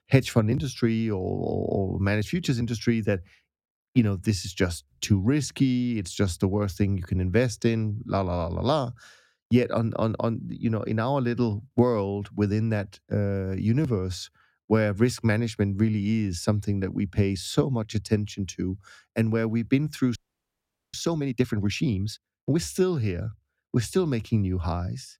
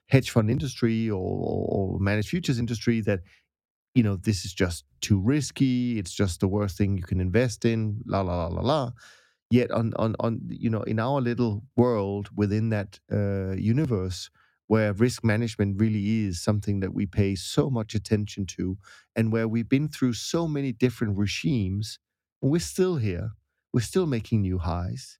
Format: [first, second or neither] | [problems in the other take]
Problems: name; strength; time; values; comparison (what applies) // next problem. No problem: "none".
second | audio freezing; at 20 s for 1 s